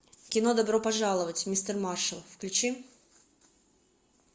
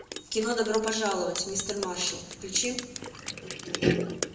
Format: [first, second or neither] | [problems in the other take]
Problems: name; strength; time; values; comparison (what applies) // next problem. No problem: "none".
first | background sound (Drip); 3 dB below the speech // room echo; dies away in 0.8 s